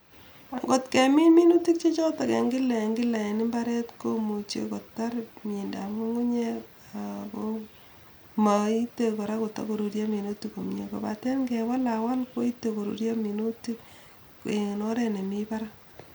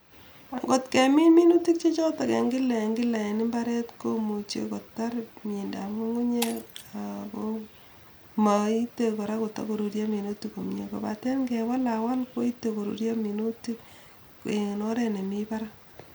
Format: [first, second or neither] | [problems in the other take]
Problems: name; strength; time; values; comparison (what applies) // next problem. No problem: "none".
first | background sound (Shatter); 16 dB below the speech